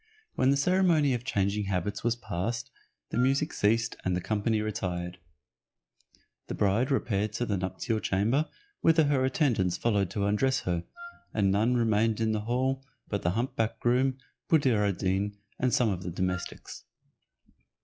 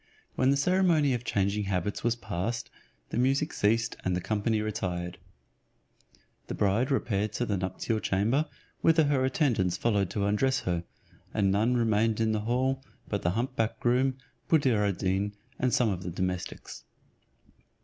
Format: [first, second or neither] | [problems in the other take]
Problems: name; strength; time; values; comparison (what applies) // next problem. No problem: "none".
second | noise reduction (classical method log-MMSE)